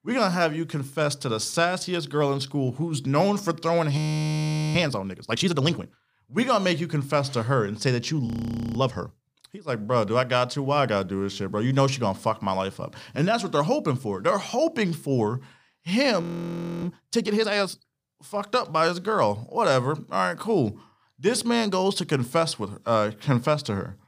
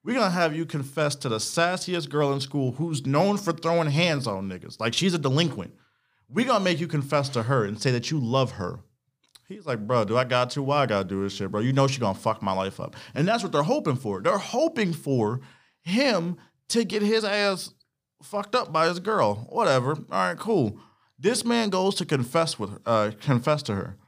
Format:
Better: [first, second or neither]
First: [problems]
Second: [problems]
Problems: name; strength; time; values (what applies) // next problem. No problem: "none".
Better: second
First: audio freezing; at 4 s for 1 s, at 8.5 s and at 16 s for 0.5 s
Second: none